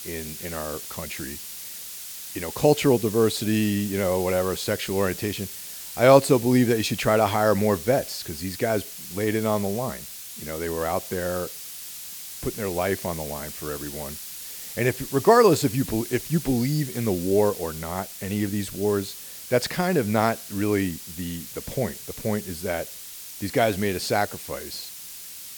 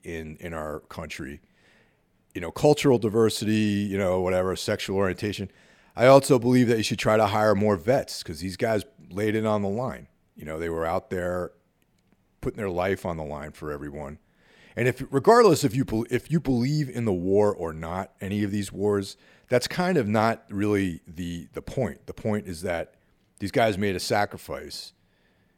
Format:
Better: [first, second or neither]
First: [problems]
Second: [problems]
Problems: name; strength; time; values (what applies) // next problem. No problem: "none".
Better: second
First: hiss; noticeable; throughout; 10 dB below the speech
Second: none